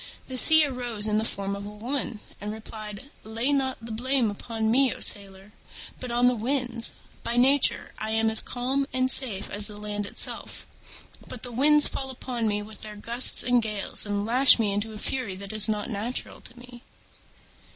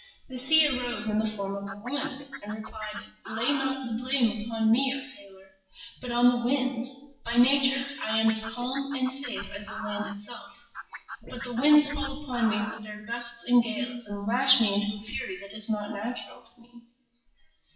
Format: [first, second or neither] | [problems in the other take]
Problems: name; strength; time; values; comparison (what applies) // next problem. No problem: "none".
first | noise reduction (classical method WPE with log-MMSE)